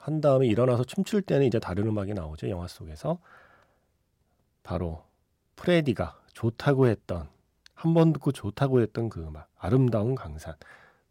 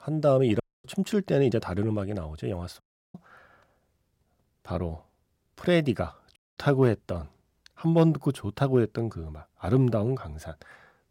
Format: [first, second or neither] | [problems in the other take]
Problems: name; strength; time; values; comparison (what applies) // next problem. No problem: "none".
first | audio cutting out; at 0.5 s, at 3 s and at 6.5 s